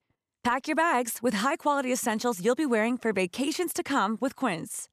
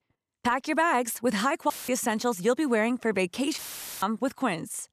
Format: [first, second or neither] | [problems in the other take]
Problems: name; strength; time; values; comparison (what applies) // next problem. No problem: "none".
first | audio cutting out; filled with static; at 1.5 s and at 3.5 s